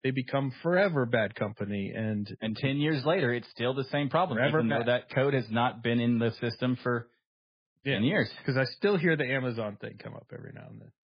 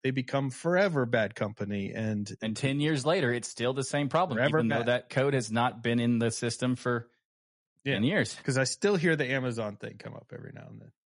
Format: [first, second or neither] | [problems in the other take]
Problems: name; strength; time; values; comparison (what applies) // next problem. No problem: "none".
second | garbled, watery; badly; nothing above 5 kHz; slightly in the second